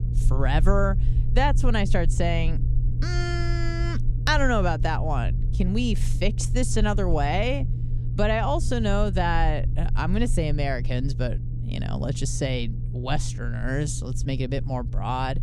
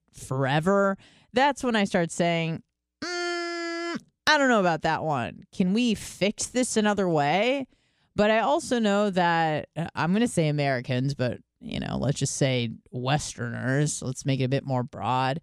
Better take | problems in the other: second | low rumble; noticeable; throughout; 15 dB below the speech

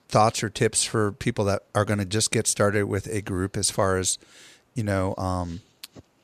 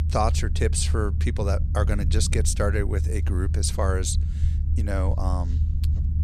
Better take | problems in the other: first | low rumble; noticeable; throughout; 10 dB below the speech

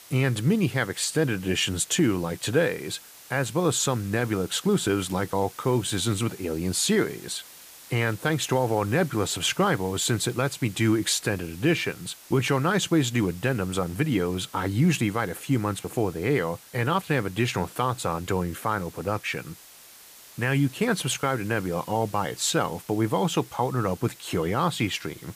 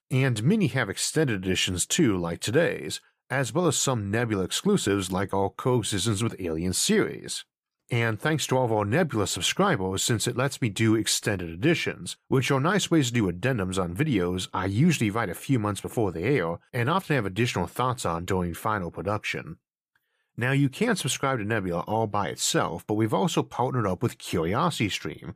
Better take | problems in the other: second | hiss; noticeable; throughout; 20 dB below the speech

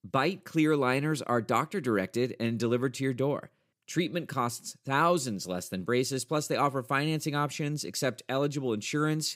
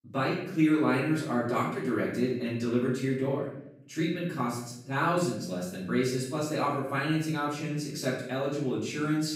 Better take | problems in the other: first | off-mic speech; far // room echo; noticeable; dies away in 0.7 s

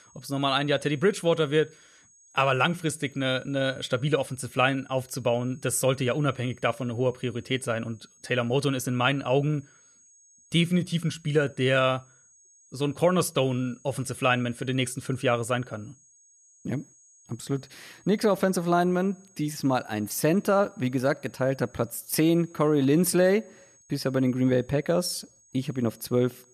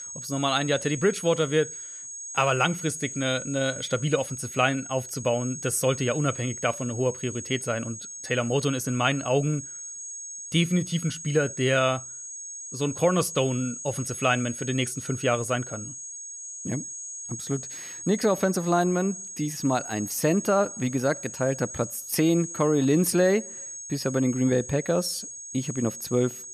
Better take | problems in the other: first | high-pitched whine; loud; throughout; 6.5 kHz, 9 dB below the speech; faint in the first

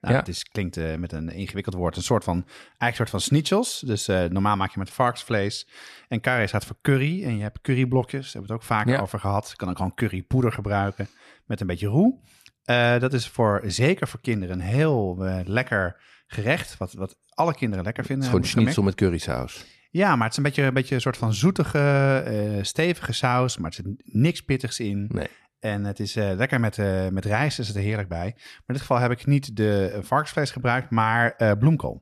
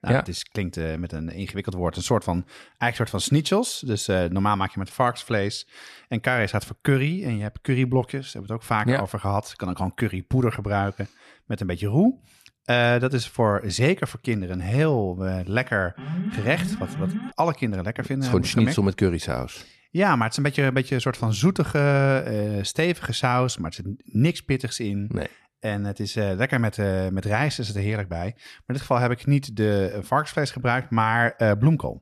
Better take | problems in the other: first | alarm; noticeable; from 16 to 17 s; peak 5 dB below the speech

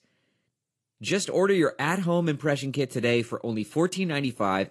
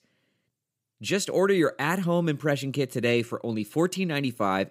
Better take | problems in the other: second | garbled, watery; slightly; nothing above 11.5 kHz

